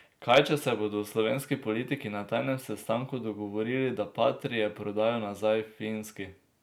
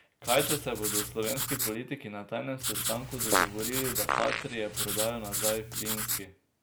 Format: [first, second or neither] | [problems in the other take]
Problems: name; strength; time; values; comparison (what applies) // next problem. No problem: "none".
first | background sound (Fart + Writing); 2 dB above the speech